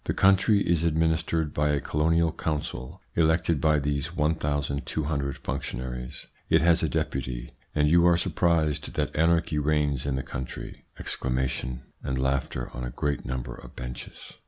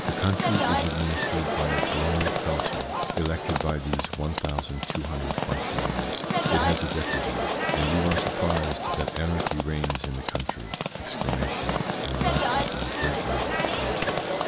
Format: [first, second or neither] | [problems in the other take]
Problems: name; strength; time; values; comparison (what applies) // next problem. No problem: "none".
first | background sound (Livestock, farm animals, working animals); 2 dB above the speech